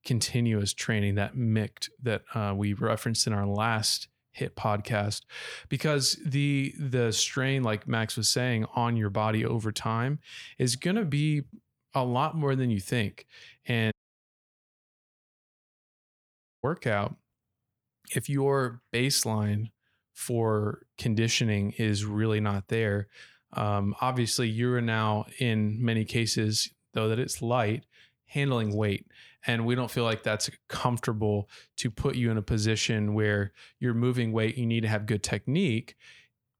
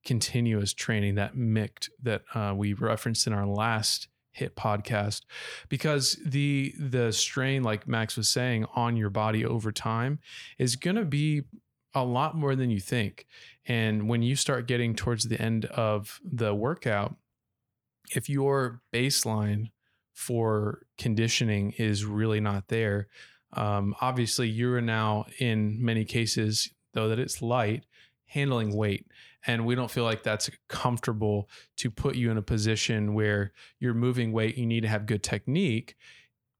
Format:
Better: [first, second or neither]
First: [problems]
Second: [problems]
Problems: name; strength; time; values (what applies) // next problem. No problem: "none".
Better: second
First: audio cutting out; at 14 s for 2.5 s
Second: none